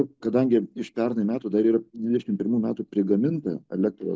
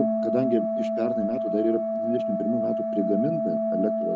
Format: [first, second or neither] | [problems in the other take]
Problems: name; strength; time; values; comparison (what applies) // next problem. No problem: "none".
first | background sound (Organ); 2 dB above the speech